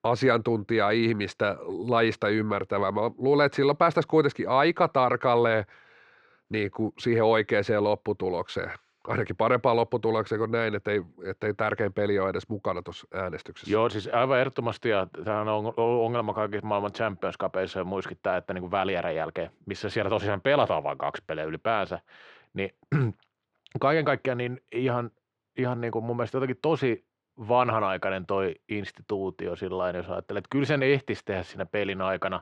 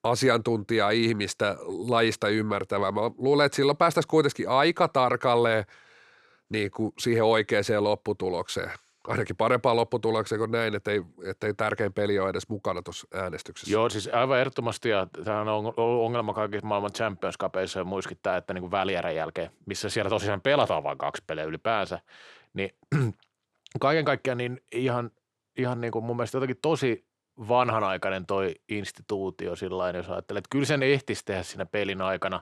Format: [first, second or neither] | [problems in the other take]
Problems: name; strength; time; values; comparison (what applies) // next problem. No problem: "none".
second | muffled; very slightly; fading above 3 kHz